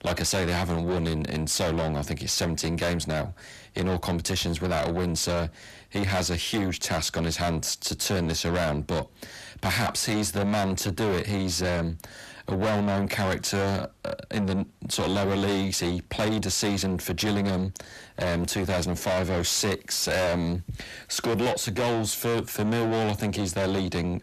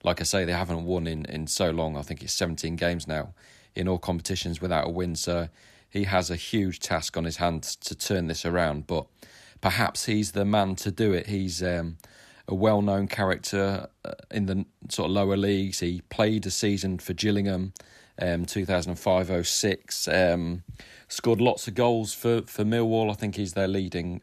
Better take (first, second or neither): second